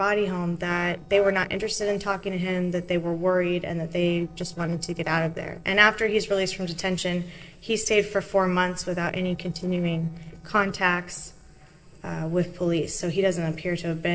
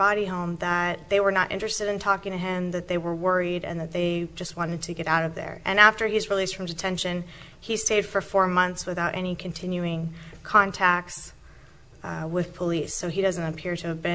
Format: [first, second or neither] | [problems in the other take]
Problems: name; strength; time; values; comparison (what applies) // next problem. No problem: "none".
second | noise reduction (neural separator model SepFormer DNS4)